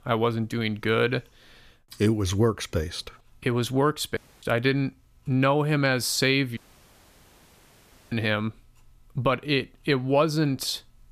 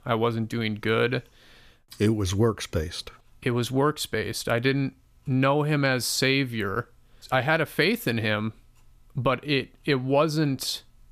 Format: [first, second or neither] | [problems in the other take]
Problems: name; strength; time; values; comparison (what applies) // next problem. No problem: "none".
second | audio cutting out; at 4 s and at 6.5 s for 1.5 s